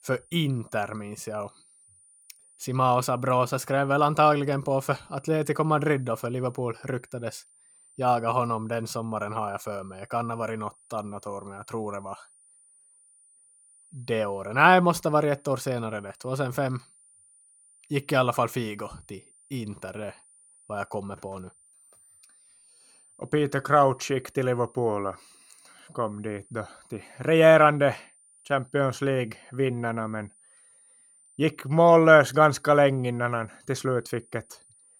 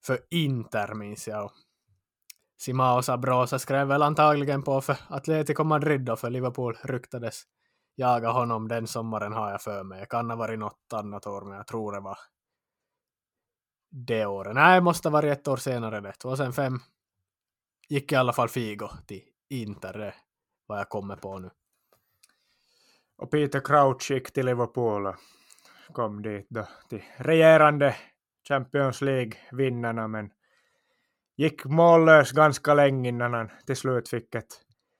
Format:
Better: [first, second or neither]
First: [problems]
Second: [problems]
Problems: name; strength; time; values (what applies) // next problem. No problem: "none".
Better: second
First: high-pitched whine; faint; throughout; 9.5 kHz, 30 dB below the speech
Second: none